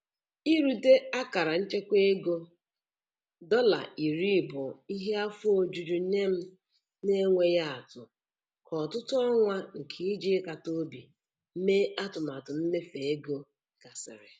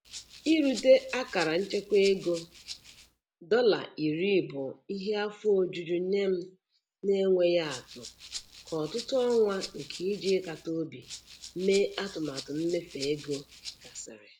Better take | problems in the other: first | background sound (Rattle (instrument)); 16 dB below the speech

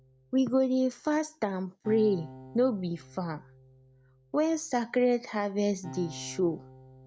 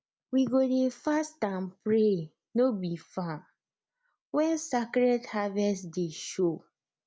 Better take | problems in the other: second | background sound (Acoustic guitar); 19 dB below the speech

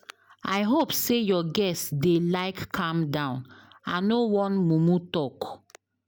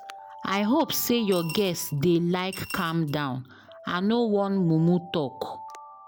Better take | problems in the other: first | background sound (Alarm + Coin (dropping) / Glass); 18 dB below the speech

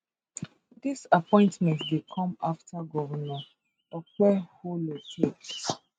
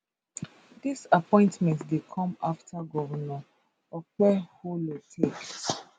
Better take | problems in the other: second | noise reduction (neural mask model RNNoise)

